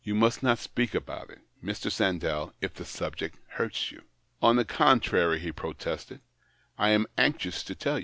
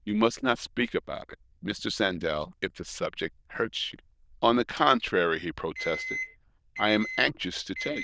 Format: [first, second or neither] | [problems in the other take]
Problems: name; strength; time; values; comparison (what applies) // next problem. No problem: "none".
first | noise reduction (neural diffusion model UNIVERSE++)